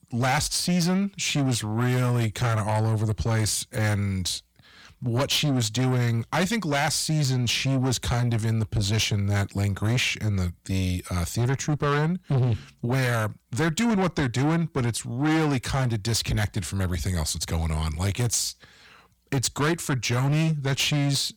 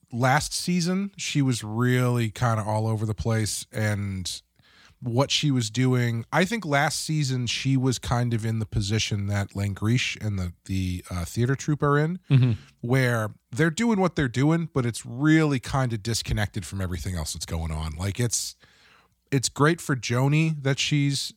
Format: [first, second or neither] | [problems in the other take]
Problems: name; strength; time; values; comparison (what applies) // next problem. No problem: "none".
second | distortion; heavy; 7 dB below the speech